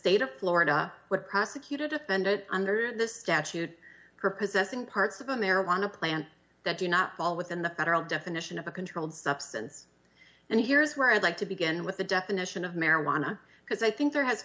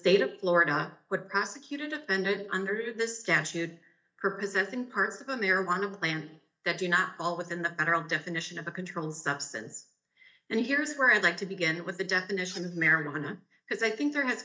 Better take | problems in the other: first | noise reduction (neural mask model DeepFilterNet 3)

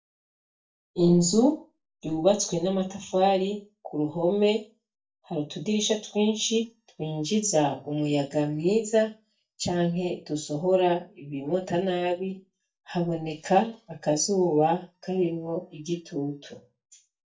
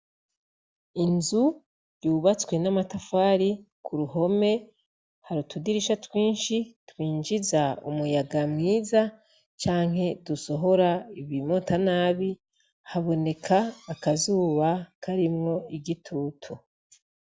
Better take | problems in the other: second | noise reduction (neural mask model DeepFilterNet 3)

